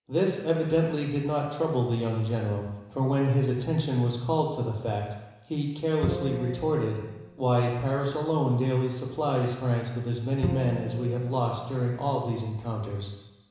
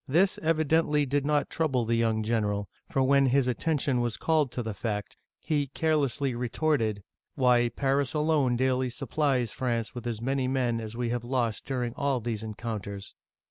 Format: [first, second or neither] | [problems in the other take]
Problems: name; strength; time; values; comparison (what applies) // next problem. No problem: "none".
second | background sound (Bowed string instrument); 10 dB below the speech // room echo; dies away in 1 s